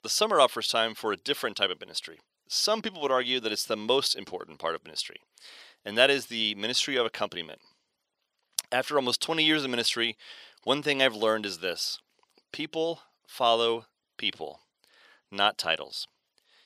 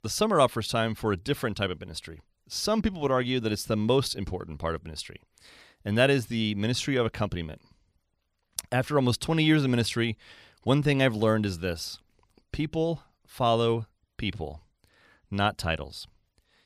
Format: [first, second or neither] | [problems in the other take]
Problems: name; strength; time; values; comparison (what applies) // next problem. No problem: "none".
second | thin; somewhat; fading below 400 Hz